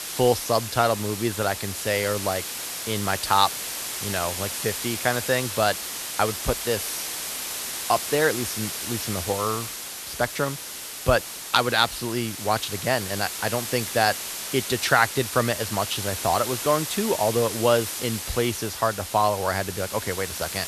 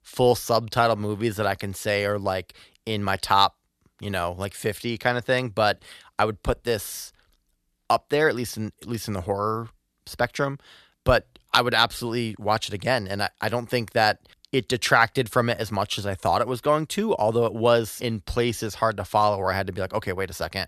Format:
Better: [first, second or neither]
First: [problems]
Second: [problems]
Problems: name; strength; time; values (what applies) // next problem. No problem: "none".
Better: second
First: hiss; loud; throughout; 5 dB below the speech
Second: none